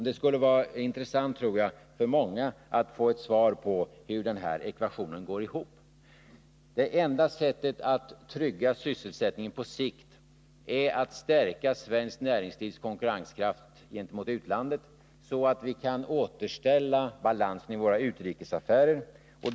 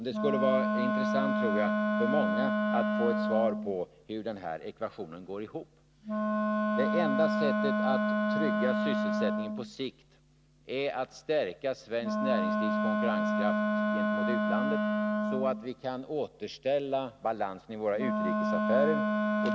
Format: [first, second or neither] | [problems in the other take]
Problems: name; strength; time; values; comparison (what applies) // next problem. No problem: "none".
first | background sound (Wind instrument, woodwind instrument); 3 dB above the speech